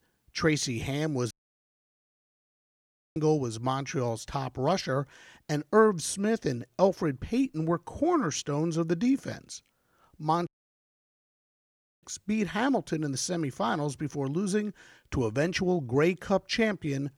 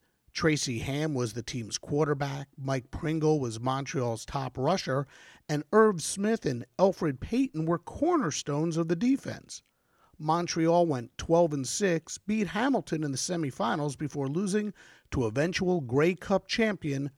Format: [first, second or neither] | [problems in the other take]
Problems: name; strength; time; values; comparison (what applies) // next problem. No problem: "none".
second | audio cutting out; at 1.5 s for 2 s and at 10 s for 1.5 s